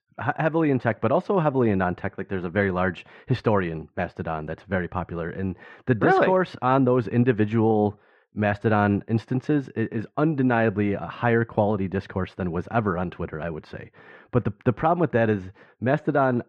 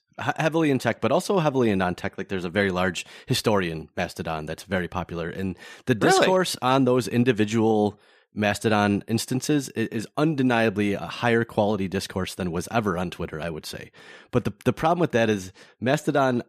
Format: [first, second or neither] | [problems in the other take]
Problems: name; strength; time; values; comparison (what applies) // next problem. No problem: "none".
second | muffled; very; fading above 1.5 kHz